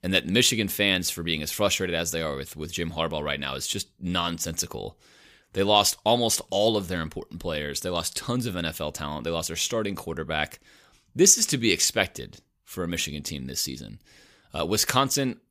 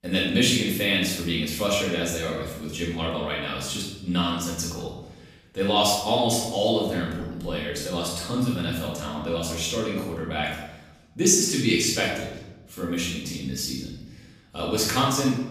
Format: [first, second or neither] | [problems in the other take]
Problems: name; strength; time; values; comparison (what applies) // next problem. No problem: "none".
first | off-mic speech; far // room echo; noticeable; dies away in 0.9 s